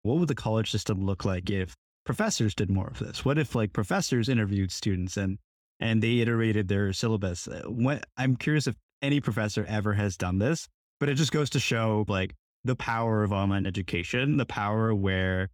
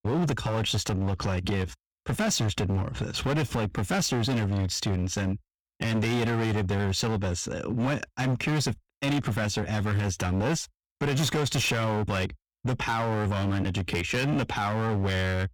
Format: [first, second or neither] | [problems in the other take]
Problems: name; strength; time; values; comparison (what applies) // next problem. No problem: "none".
first | distortion; heavy; 21% of the sound clipped